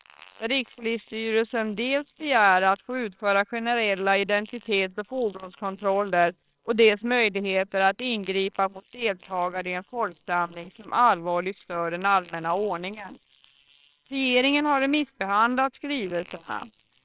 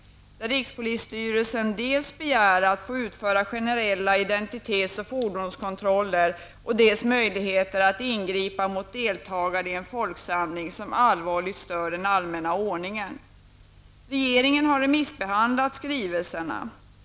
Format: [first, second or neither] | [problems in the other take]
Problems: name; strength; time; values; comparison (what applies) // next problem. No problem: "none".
second | noise reduction (neural separator model SepFormer WHAMR!)